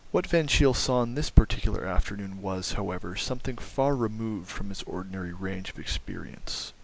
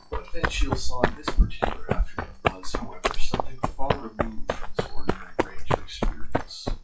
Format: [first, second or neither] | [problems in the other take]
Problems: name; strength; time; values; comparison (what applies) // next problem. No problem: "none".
first | noise reduction (classical method WPE with log-MMSE)